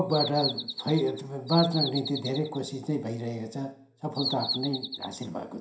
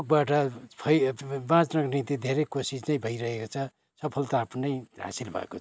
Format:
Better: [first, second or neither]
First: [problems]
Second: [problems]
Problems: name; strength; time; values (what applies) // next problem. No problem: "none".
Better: second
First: background sound (Bird vocalization, bird call, bird song); 5 dB below the speech // room echo; dies away in 0.5 s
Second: none